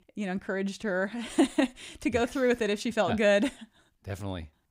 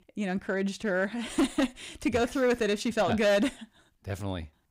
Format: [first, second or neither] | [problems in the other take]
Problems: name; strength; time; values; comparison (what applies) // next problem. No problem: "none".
first | distortion; slight; 5% of the sound clipped